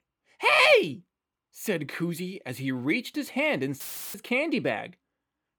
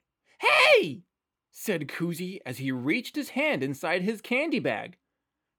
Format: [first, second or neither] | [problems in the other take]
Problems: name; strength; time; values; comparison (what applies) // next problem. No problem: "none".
second | audio cutting out; filled with static; at 4 s